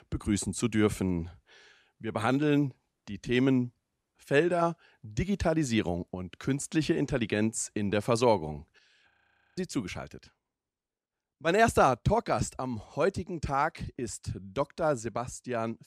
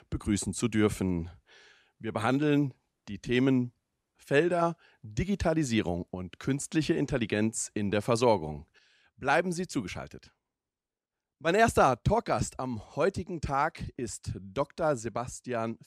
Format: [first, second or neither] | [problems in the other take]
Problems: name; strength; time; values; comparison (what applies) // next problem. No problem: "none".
second | audio freezing; at 9 s